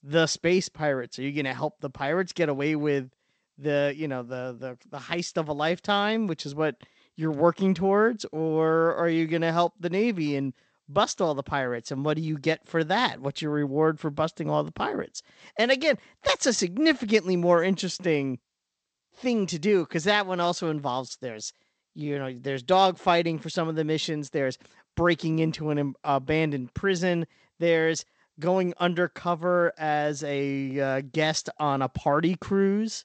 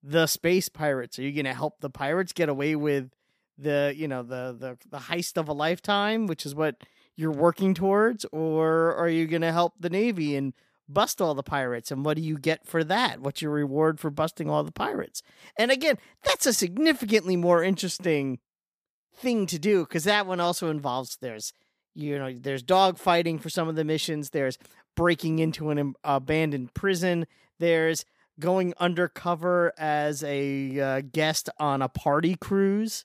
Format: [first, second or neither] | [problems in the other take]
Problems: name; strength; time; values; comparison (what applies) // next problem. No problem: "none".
second | garbled, watery; slightly; nothing above 8 kHz